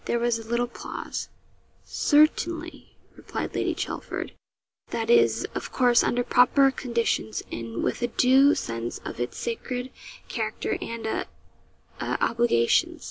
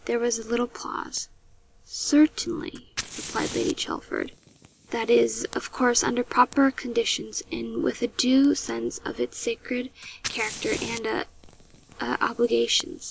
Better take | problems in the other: first | background sound (Fire); 17 dB below the speech

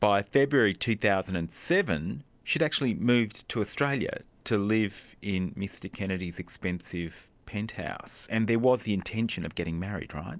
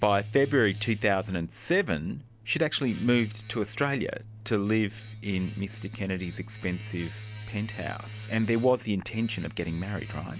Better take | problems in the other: first | background sound (Domestic sounds, home sounds); 13 dB below the speech

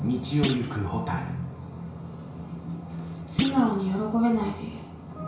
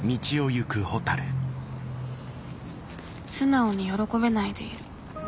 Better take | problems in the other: second | background sound (Thump, thud); 7 dB below the speech // room echo; dies away in 0.6 s

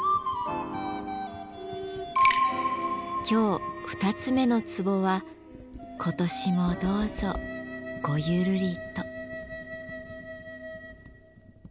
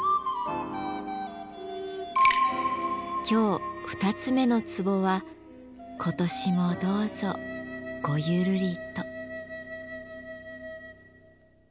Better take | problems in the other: second | background sound (Computer keyboard); 18 dB below the speech

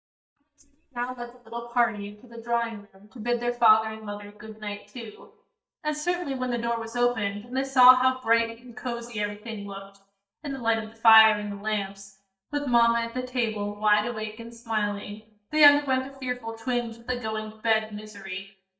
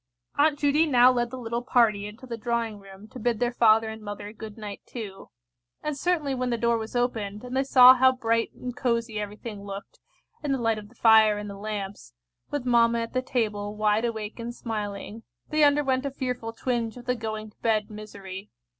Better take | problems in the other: second | noise reduction (neural mask model DeepFilterNet 3)

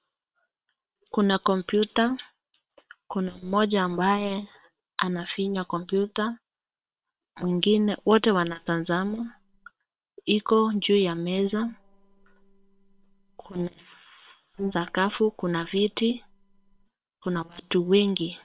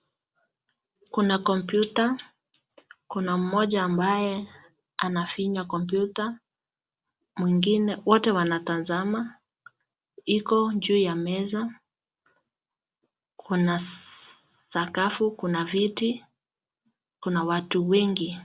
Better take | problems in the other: second | noise reduction (neural separator model SepFormer WHAM!)

